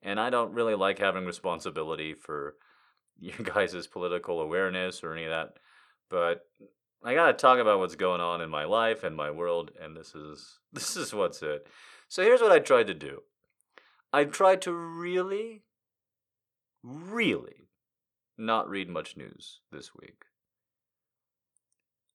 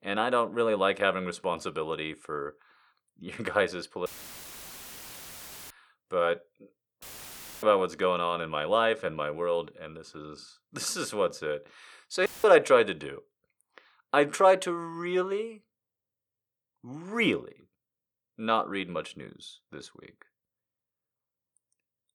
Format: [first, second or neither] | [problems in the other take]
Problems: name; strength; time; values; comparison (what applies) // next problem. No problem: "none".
first | audio cutting out; filled with static; at 4 s for 1.5 s, at 7 s for 0.5 s and at 12 s